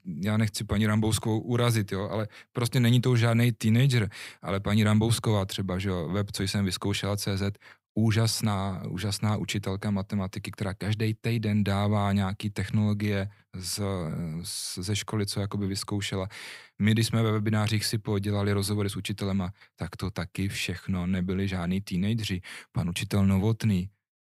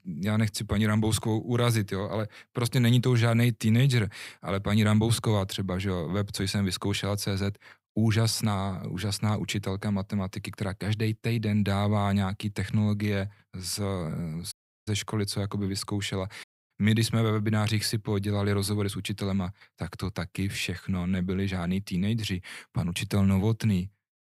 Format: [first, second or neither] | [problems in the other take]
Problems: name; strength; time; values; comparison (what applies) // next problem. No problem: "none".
first | audio cutting out; at 15 s and at 16 s